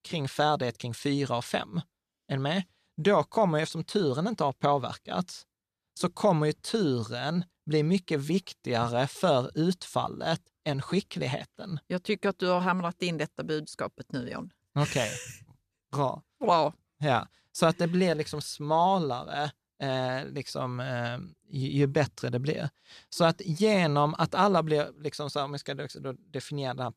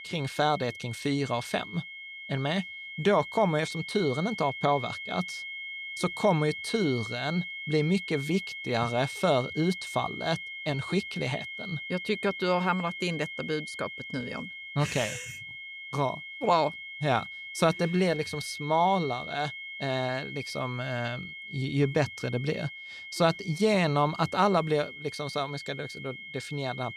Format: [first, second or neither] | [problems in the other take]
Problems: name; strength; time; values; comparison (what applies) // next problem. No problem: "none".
first | high-pitched whine; loud; throughout; 2 kHz, 9 dB below the speech